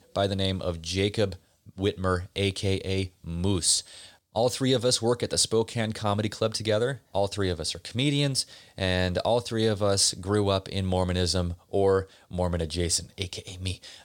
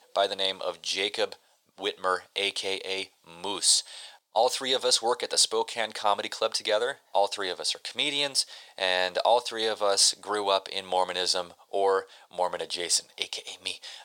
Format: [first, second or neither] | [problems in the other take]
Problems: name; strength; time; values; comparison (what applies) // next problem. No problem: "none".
first | thin; very; fading below 650 Hz